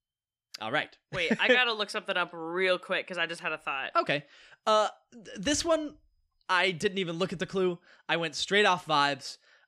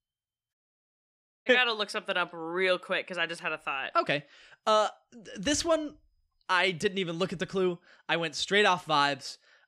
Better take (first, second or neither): first